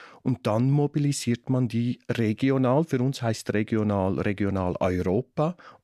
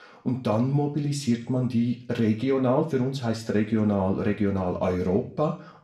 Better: first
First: none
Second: room echo; slight; dies away in 0.4 s // off-mic speech; somewhat distant

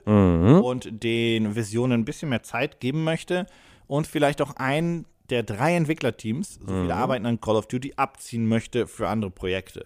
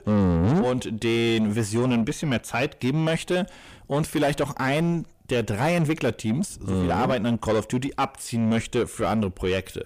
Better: first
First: none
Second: distortion; heavy; 6 dB below the speech

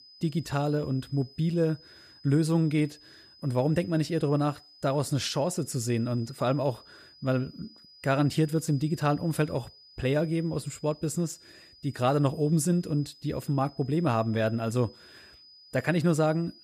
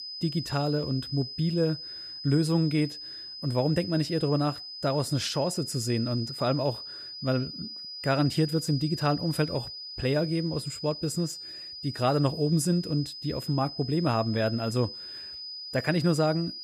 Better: first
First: high-pitched whine; faint; throughout; 5 kHz, 25 dB below the speech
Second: high-pitched whine; loud; throughout; 5 kHz, 9 dB below the speech

